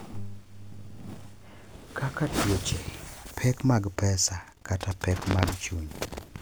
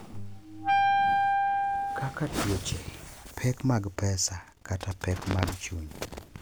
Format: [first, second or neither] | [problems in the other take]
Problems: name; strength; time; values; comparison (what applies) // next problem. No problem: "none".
first | background sound (Wind instrument, woodwind instrument); 5 dB above the speech